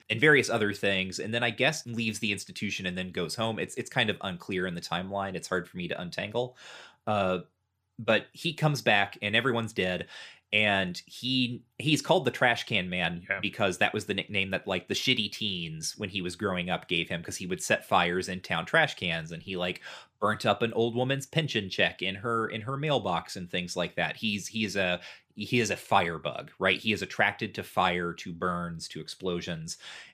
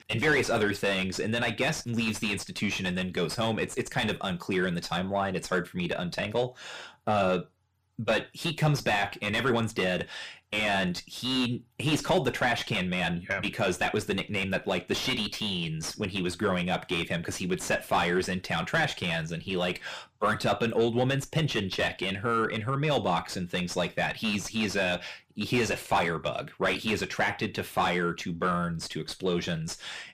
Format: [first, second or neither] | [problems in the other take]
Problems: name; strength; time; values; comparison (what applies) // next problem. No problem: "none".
first | distortion; heavy; 5 dB below the speech